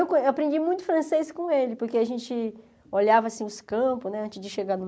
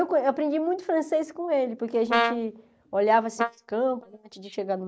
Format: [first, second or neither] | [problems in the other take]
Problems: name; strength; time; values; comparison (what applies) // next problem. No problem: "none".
first | noise reduction (neural mask model DeepFilterNet 3)